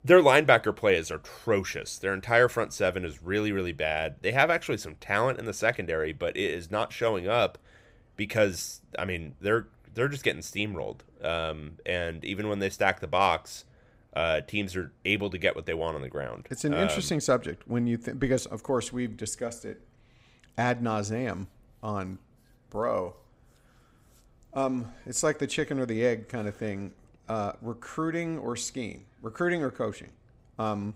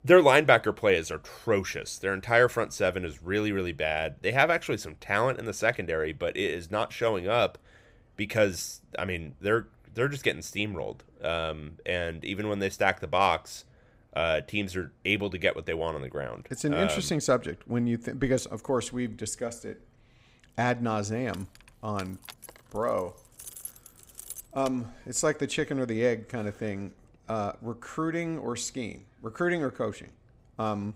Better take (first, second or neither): first